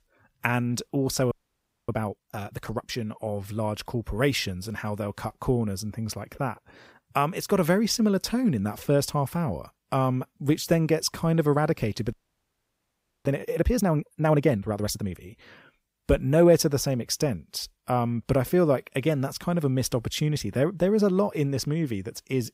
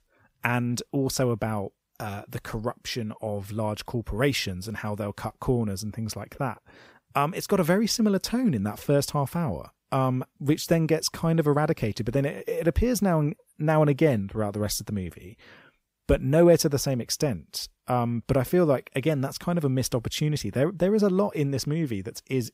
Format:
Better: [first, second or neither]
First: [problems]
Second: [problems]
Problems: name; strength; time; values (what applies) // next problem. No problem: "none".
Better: second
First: audio freezing; at 1.5 s for 0.5 s and at 12 s for 1 s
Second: none